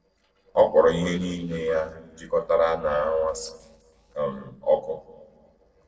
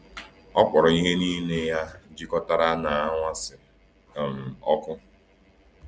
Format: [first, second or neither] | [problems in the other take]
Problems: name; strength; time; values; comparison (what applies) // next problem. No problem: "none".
second | noise reduction (neural separator model SepFormer DNS4)